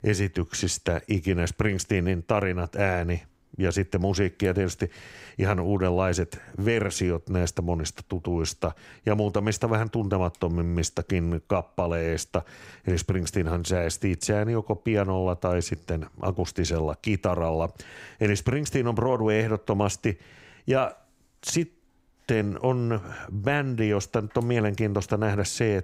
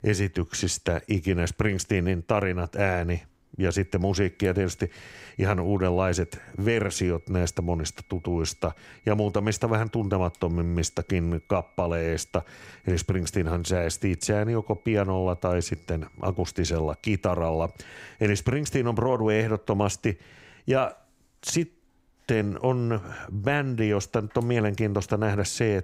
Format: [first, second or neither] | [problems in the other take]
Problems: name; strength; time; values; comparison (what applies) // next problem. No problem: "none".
first | high-pitched whine; faint; from 4 to 19 s; 2 kHz, 35 dB below the speech